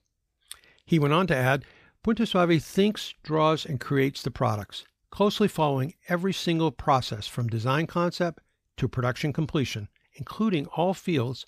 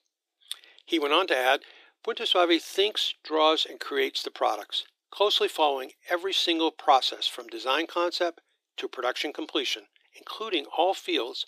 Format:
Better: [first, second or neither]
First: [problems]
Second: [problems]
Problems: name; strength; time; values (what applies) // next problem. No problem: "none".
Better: first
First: none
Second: thin; very; fading below 300 Hz